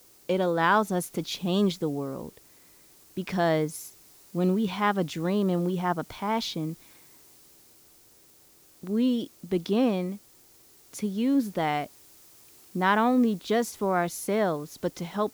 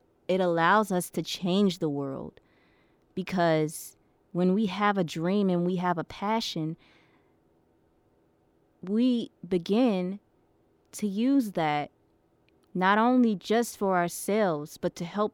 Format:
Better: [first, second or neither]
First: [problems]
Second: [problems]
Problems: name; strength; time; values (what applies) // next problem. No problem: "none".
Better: second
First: hiss; faint; throughout; 25 dB below the speech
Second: none